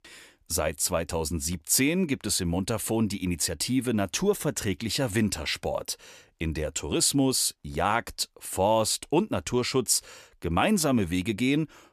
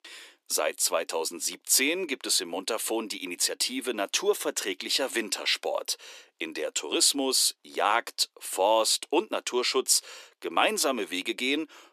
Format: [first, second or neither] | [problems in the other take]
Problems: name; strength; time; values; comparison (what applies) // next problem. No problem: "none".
first | thin; somewhat; fading below 300 Hz